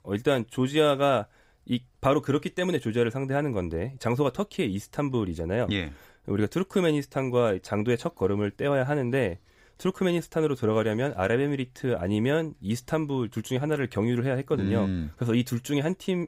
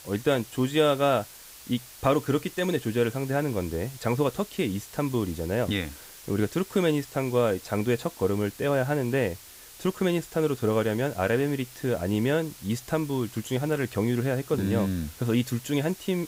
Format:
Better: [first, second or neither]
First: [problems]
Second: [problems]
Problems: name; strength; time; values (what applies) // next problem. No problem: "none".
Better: first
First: none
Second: hiss; noticeable; throughout; 15 dB below the speech